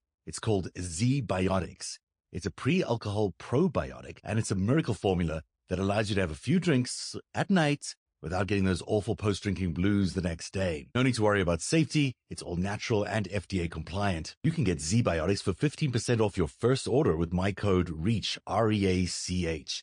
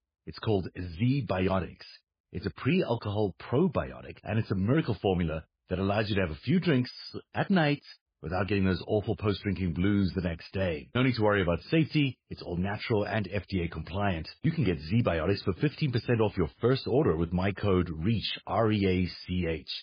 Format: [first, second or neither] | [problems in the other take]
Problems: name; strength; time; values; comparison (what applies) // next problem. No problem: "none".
first | garbled, watery; badly; nothing above 5 kHz; slightly in the first